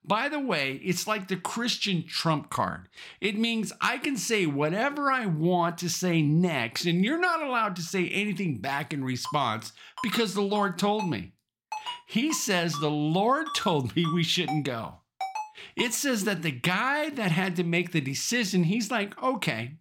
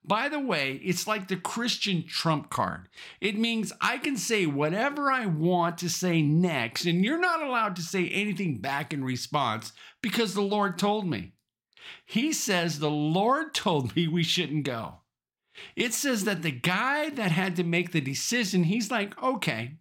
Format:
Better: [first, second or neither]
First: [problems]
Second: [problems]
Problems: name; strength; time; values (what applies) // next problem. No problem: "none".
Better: second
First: phone ringing; noticeable; from 9 to 16 s; peak 8 dB below the speech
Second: none